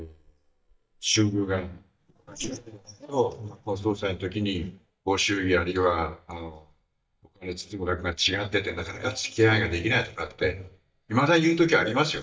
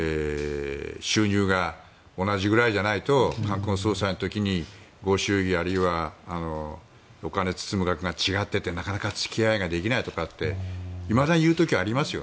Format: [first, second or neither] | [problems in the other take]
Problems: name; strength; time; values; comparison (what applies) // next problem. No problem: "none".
second | noise reduction (neural mask model DeepFilterNet 3)